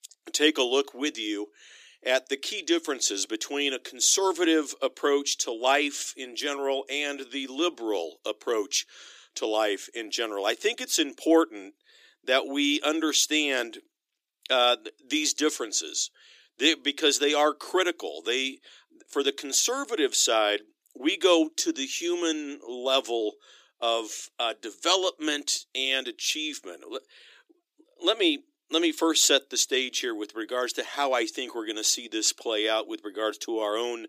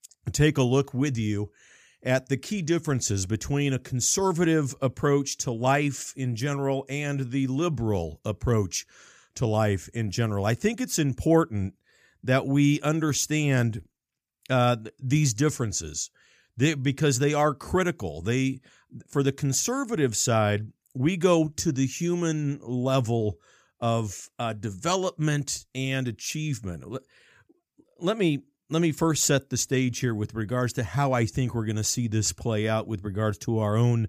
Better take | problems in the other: second | thin; somewhat; fading below 300 Hz

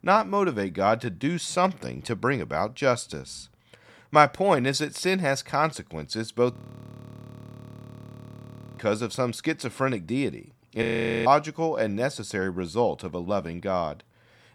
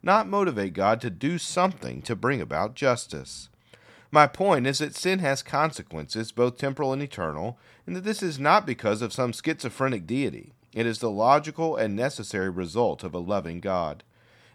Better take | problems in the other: second | audio freezing; at 6.5 s for 2.5 s and at 11 s

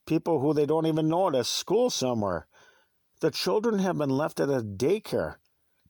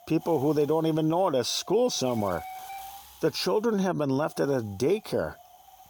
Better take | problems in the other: first | wind noise on the microphone; occasional gusts; 15 dB below the speech

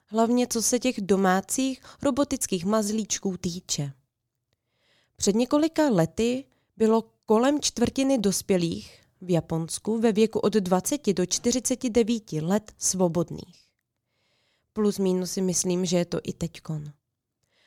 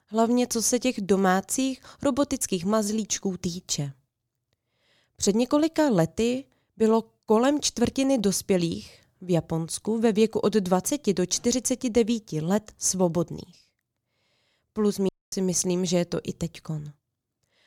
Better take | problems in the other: first | audio cutting out; at 15 s

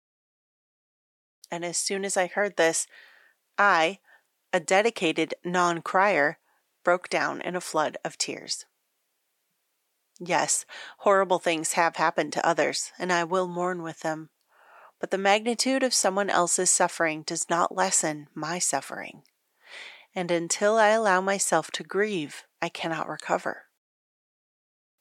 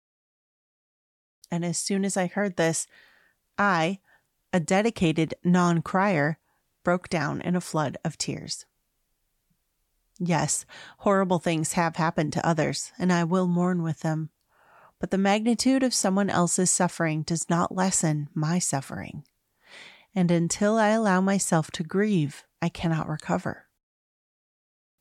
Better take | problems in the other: second | thin; somewhat; fading below 450 Hz

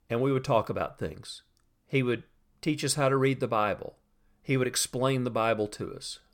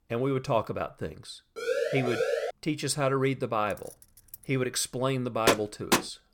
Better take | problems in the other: first | siren; loud; at 1.5 s; peak 1 dB above the speech // jangling keys; faint; at 3.5 s; peak 15 dB below the speech // door banging; loud; at 5.5 s; peak 3 dB above the speech

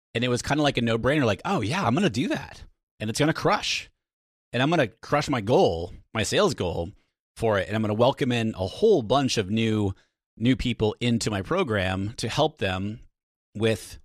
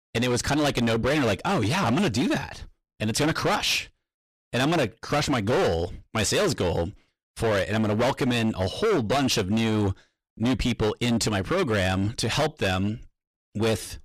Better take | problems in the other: first | distortion; heavy; 19% of the sound clipped

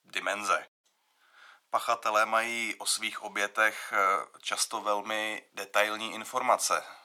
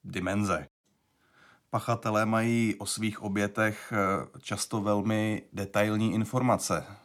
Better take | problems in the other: second | thin; very; fading below 850 Hz

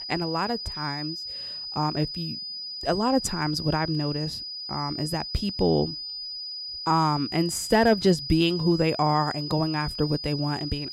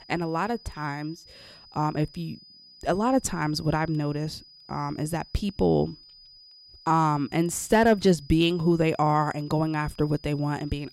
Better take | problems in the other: second | high-pitched whine; loud; throughout; 5 kHz, 7 dB below the speech; faint in the second

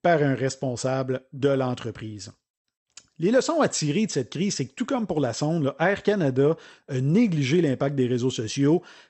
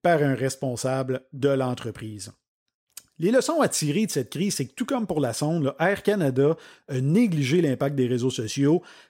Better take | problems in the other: second | garbled, watery; slightly; nothing above 8 kHz

